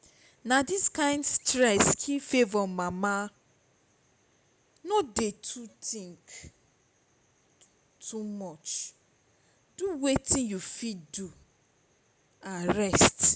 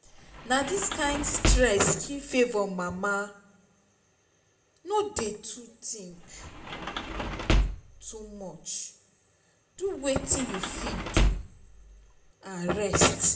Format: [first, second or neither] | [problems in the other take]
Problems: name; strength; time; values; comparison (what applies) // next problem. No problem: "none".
first | background sound (Sliding door / Slam); as loud as the speech // room echo; dies away in 0.5 s